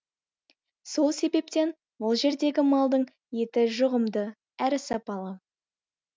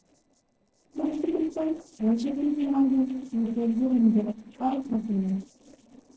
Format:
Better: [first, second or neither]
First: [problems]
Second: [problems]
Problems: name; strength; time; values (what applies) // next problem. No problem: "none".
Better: first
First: none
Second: noise reduction (neural separator model SepFormer DNS4)